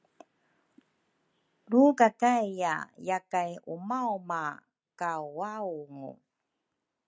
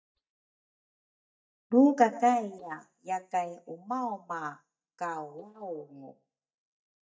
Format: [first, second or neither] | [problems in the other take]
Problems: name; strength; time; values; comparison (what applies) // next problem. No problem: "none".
first | noise reduction (neural mask model DeepFilterNet 3)